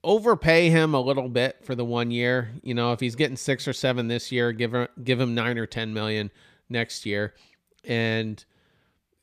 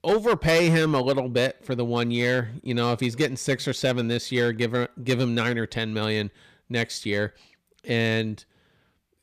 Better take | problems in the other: first | distortion; slight; 4% of the sound clipped

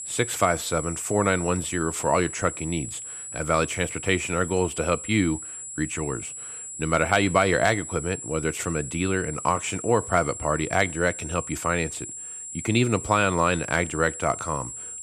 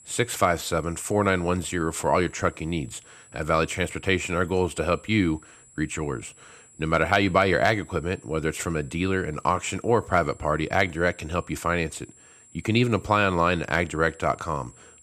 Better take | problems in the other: second | high-pitched whine; loud; throughout; 7.5 kHz, 9 dB below the speech; faint in the second

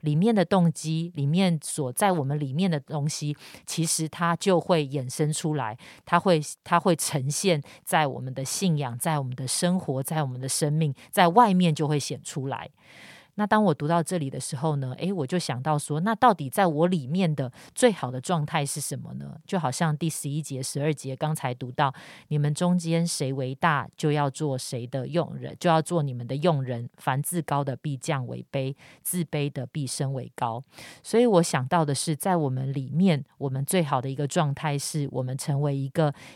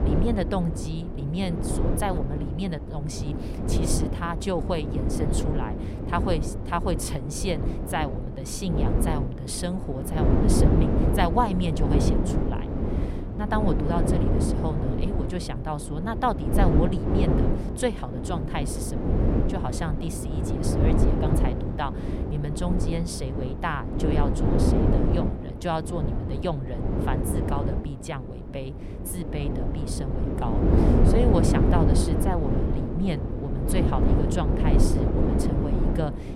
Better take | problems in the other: first | wind noise on the microphone; heavy; 1 dB below the speech

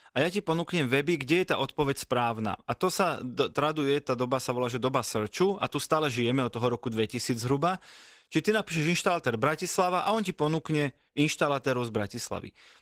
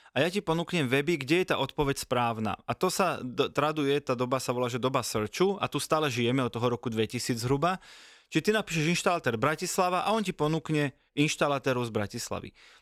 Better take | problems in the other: second | garbled, watery; slightly; nothing above 15.5 kHz

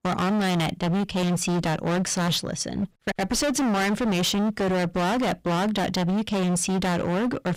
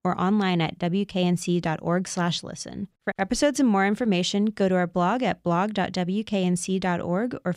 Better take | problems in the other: second | distortion; heavy; 39% of the sound clipped

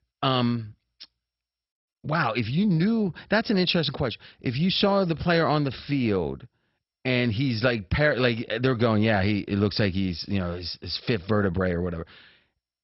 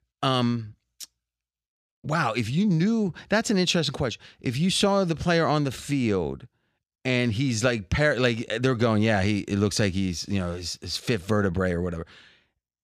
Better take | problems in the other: second | garbled, watery; badly; nothing above 5.5 kHz

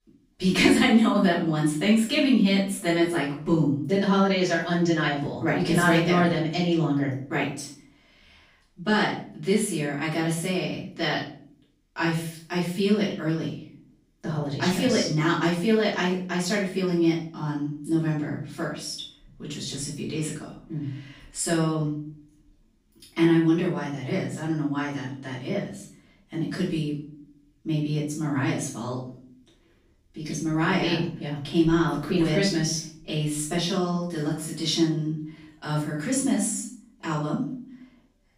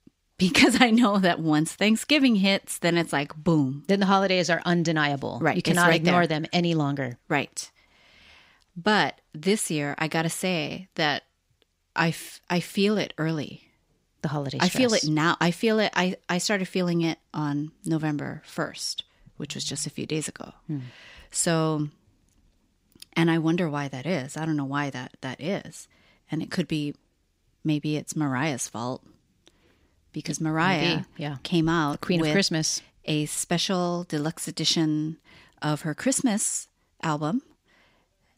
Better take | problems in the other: second | room echo; noticeable; dies away in 0.5 s // off-mic speech; far

